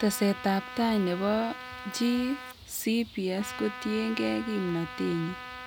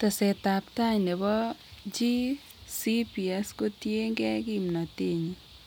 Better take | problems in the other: second | background sound (Trumpet); 13 dB below the speech

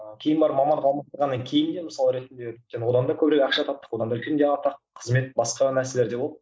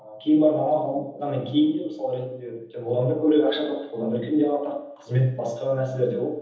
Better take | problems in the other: first | room echo; dies away in 1.3 s

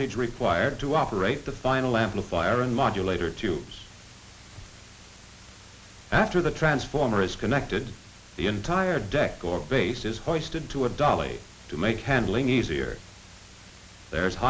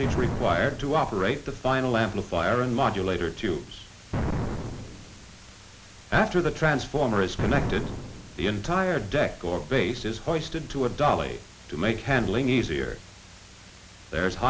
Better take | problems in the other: first | background sound (Explosion); 6 dB below the speech

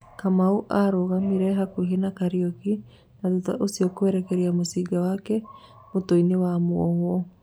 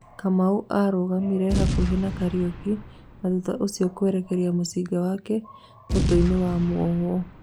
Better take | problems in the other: first | background sound (Boom); 7 dB below the speech

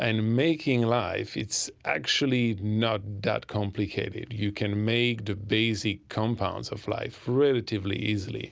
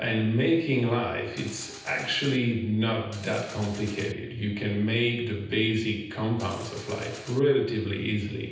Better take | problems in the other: first | background sound (Mechanisms); 17 dB below the speech // room echo; dies away in 0.9 s

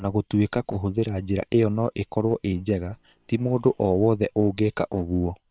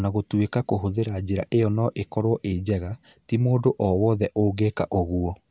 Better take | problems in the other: second | noise reduction (neural separator model SepFormer WHAM!)

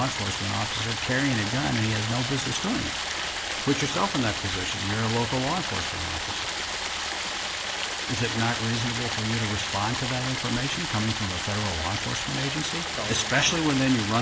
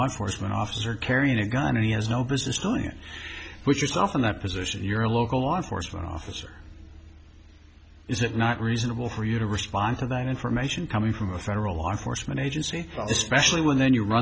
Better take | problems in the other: second | background sound (Stream); 2 dB below the speech

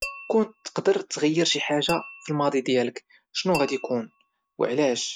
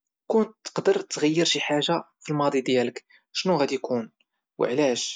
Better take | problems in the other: second | background sound (Tap / Glass); 16 dB below the speech

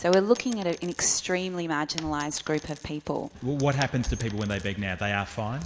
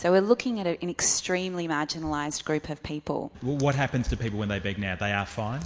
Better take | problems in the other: second | background sound (Coin (dropping)); 17 dB below the speech

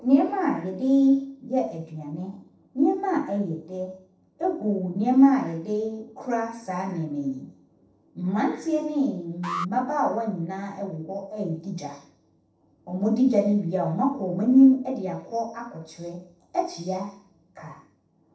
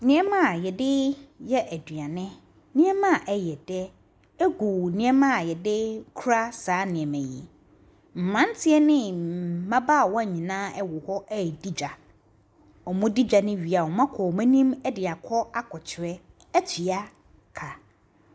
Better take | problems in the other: second | noise reduction (neural separator model SepFormer DNS4)

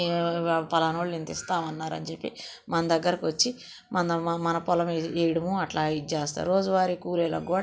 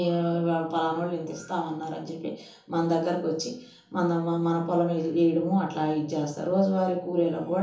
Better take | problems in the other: first | room echo; dies away in 1.2 s

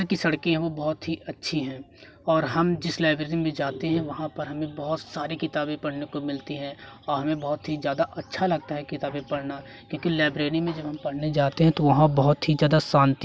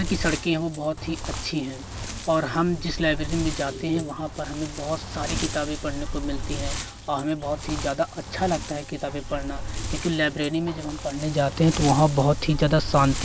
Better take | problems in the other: first | background sound (Wind); 7 dB below the speech

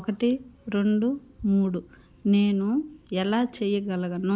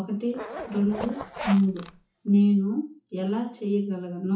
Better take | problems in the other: first | noise reduction (classical method WPE with log-MMSE)

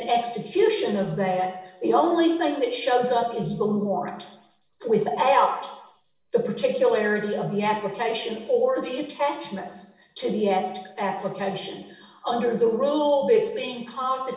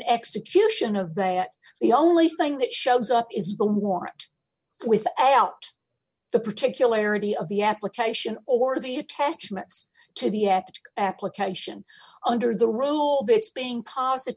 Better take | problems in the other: second | room echo; dies away in 0.8 s

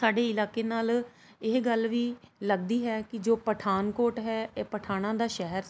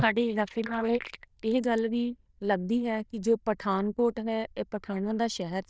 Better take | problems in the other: first | noise reduction (neural diffusion model UNIVERSE++)

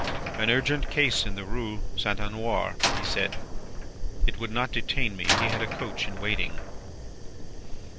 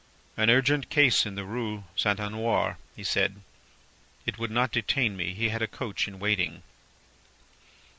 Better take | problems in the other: second | background sound (Slam + Fire); 2 dB above the speech

